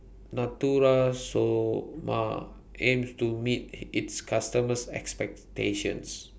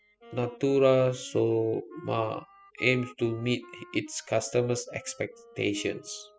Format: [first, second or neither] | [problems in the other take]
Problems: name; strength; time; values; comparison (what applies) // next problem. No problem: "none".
first | noise reduction (classical method spectral subtraction)